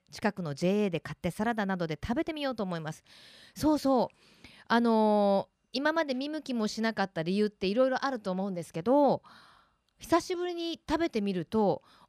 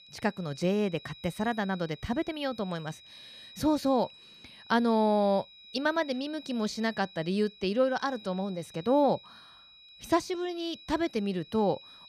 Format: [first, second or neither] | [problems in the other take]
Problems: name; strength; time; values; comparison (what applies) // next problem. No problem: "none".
first | high-pitched whine; noticeable; throughout; 4 kHz, 20 dB below the speech